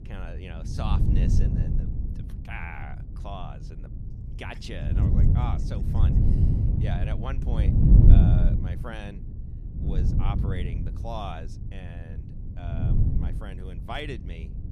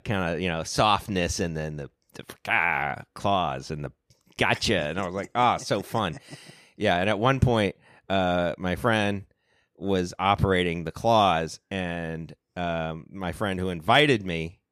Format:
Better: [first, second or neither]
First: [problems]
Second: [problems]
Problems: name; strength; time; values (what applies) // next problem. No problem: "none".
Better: second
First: wind noise on the microphone; heavy; 2 dB above the speech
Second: none